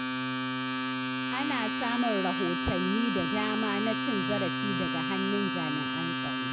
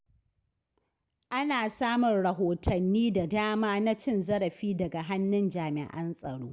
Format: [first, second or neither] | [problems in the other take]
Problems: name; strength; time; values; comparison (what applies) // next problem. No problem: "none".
second | background sound (Domestic sounds, home sounds); 2 dB above the speech